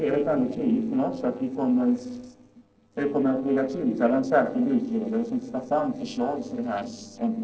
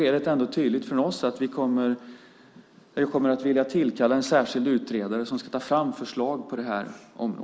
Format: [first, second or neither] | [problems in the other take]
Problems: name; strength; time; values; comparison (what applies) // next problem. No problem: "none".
second | noise reduction (neural separator model SepFormer DNS4)